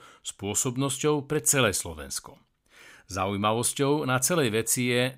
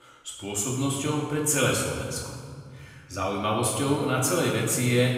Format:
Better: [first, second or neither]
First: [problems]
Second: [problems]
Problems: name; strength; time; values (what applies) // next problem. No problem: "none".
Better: first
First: none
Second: room echo; noticeable; dies away in 1.8 s // off-mic speech; far